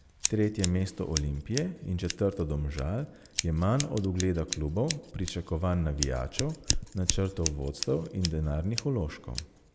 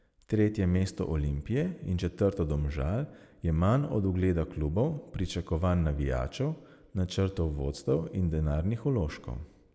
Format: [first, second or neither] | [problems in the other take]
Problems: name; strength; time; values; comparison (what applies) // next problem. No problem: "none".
second | background sound (Scissors); 7 dB below the speech